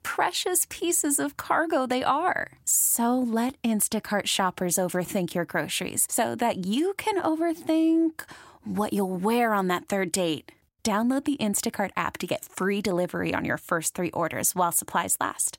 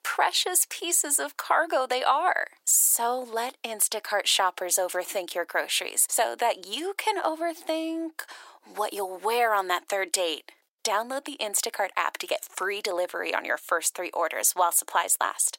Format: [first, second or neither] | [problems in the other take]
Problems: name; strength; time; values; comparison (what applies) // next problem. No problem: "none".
first | thin; very; fading below 450 Hz